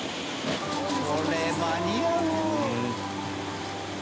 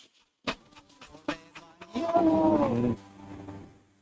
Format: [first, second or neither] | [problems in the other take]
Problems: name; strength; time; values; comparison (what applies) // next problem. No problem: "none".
first | noise reduction (neural mask model RNNoise)